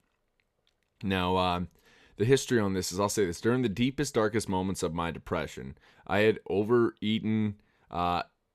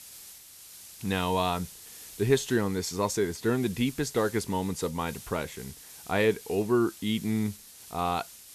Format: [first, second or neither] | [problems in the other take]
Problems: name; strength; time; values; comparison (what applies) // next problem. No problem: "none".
first | hiss; noticeable; throughout; 15 dB below the speech